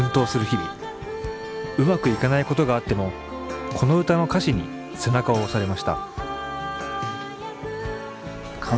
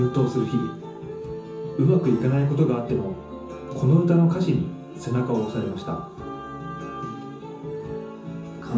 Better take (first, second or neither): first